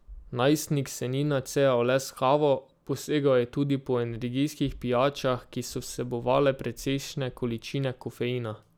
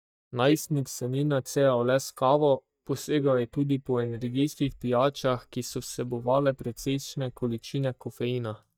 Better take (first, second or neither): first